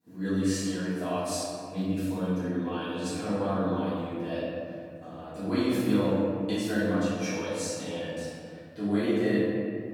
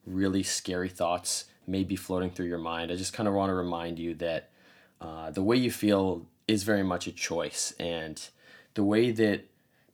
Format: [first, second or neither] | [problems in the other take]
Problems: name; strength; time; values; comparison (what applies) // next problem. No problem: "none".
second | room echo; strong; dies away in 2.4 s // off-mic speech; far